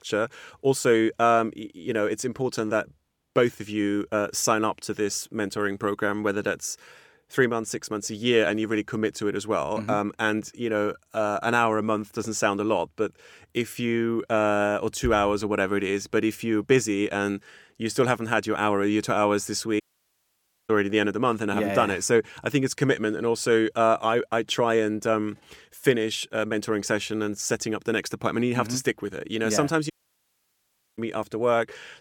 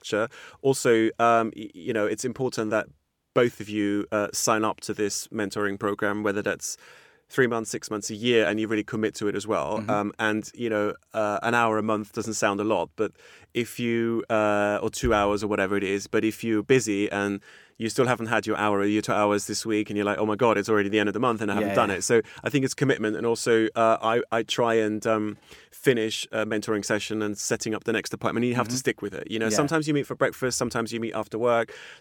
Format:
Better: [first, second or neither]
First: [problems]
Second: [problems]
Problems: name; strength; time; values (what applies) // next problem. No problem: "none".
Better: second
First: audio cutting out; at 20 s for 1 s and at 30 s for 1 s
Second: none